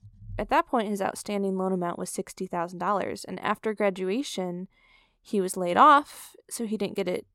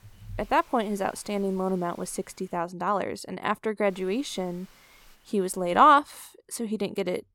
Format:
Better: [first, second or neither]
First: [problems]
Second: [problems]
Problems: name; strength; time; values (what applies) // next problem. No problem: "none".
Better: first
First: none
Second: hiss; faint; until 2.5 s and from 4 to 6 s; 30 dB below the speech